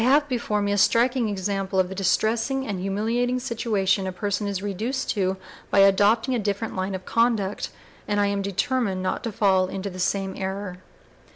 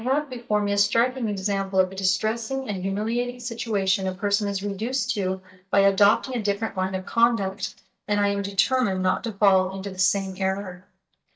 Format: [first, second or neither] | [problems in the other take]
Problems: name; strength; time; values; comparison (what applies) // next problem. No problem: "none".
first | noise reduction (neural mask model DeepFilterNet 3)